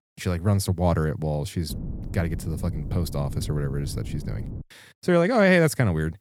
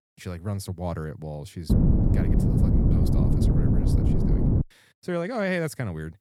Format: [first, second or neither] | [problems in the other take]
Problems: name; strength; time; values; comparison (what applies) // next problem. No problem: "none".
first | wind noise on the microphone; heavy; from 1.5 to 4.5 s; 1 dB above the speech; occasional gusts in the first